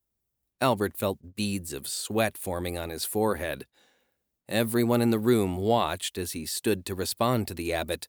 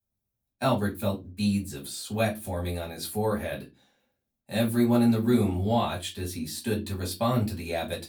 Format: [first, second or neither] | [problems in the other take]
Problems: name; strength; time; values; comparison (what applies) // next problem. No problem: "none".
first | off-mic speech; far // room echo; very slight; dies away in 0.2 s